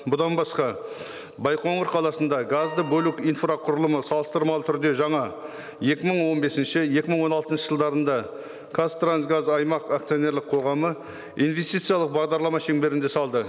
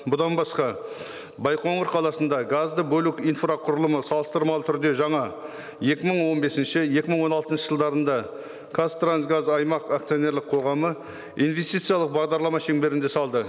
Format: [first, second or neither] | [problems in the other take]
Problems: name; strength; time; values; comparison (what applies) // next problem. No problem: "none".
second | background sound (Wind instrument, woodwind instrument); 17 dB below the speech